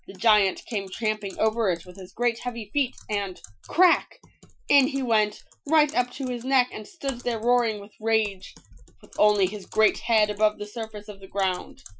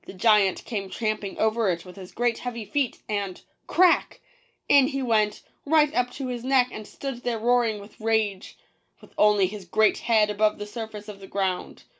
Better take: second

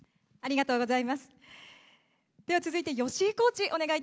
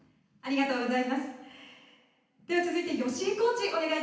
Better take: first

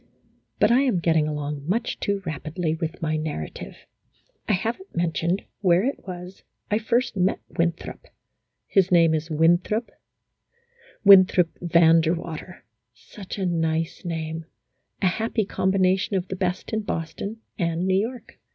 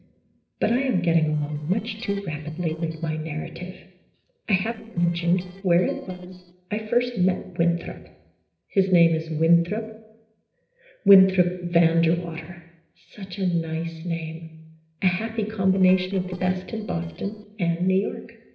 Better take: first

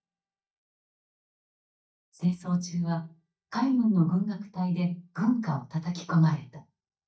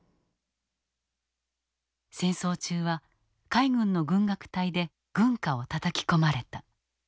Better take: second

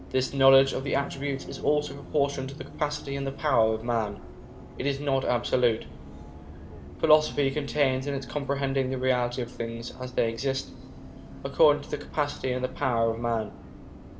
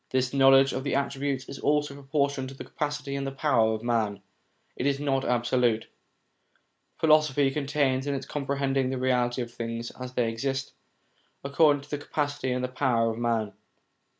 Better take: second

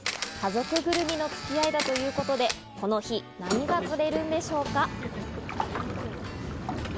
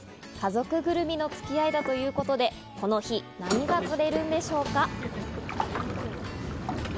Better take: second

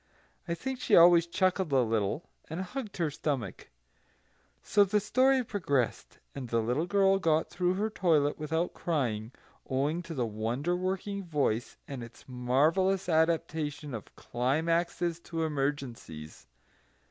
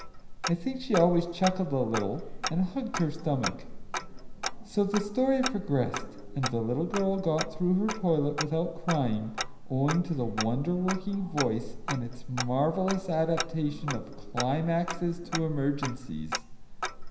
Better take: first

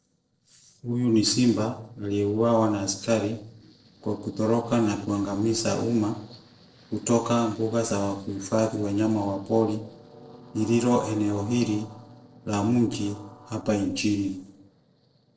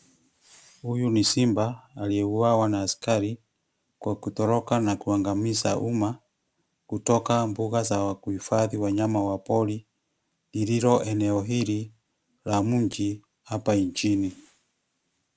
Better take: second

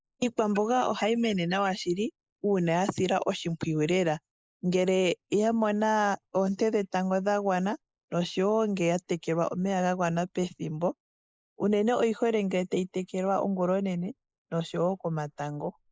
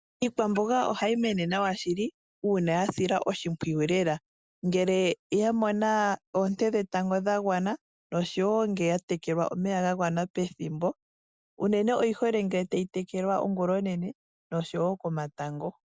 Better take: second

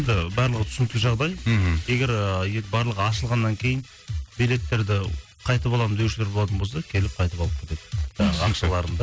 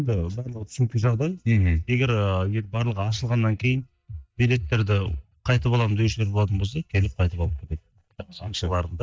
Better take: first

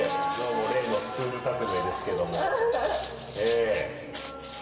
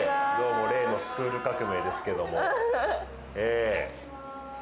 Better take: second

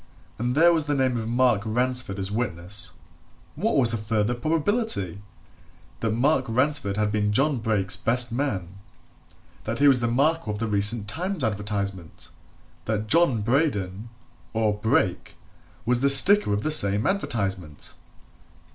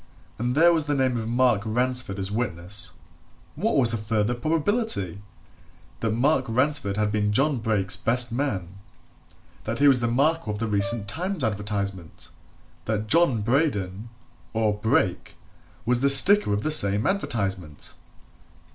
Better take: first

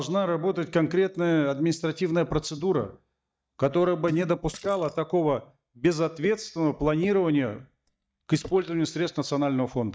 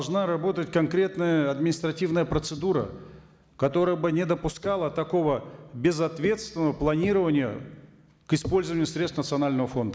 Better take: second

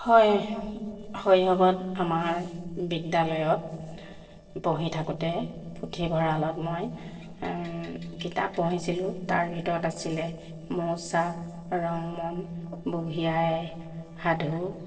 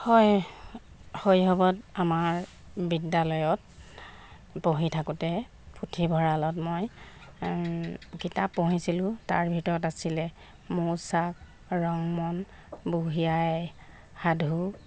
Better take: second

